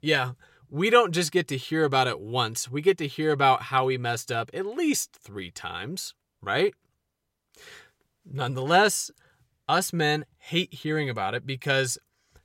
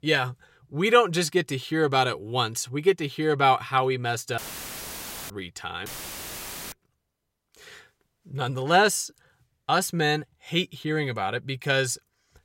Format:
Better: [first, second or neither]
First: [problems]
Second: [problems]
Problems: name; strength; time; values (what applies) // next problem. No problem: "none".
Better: first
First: none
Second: audio cutting out; filled with static; at 4.5 s for 1 s and at 6 s for 1 s